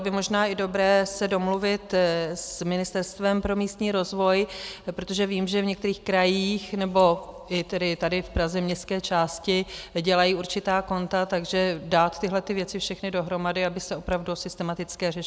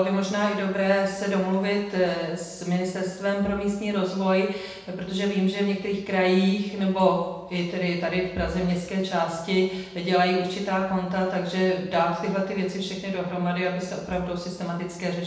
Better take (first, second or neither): first